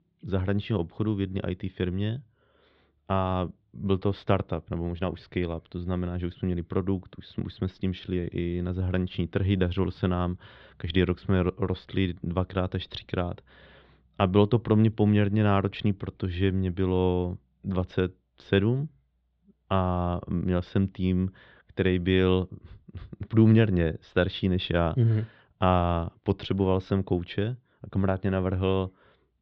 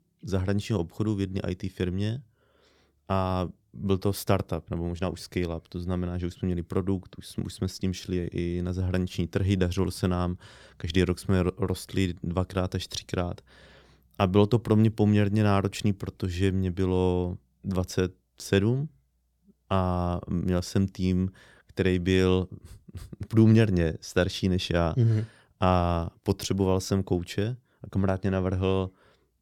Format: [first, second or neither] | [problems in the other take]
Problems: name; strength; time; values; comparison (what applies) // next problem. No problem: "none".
second | muffled; very; fading above 3.5 kHz